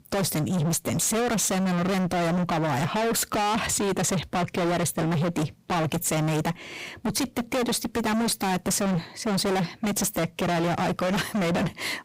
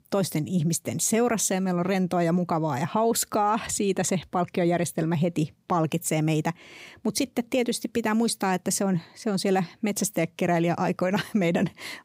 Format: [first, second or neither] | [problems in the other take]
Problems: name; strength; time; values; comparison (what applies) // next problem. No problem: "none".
second | distortion; heavy; 42% of the sound clipped